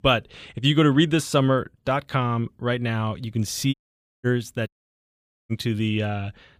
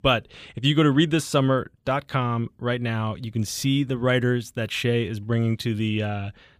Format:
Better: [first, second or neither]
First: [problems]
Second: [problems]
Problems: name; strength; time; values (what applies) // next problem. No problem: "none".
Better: second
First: audio cutting out; at 3.5 s and at 4.5 s for 1 s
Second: none